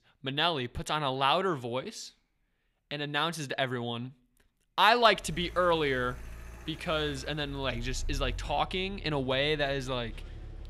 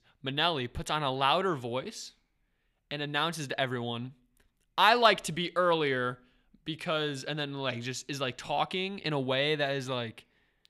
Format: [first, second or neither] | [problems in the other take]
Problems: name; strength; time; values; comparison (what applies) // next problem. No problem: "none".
second | traffic noise; noticeable; from 5 s on; 15 dB below the speech